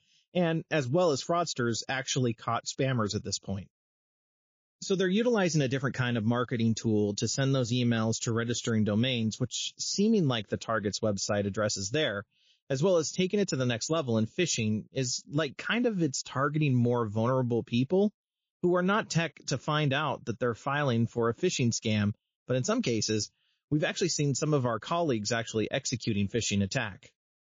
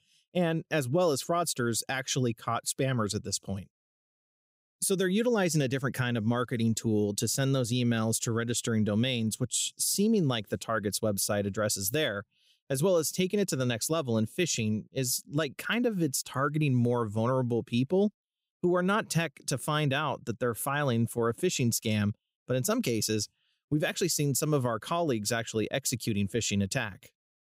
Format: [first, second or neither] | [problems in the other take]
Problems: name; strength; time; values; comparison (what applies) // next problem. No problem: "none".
second | garbled, watery; slightly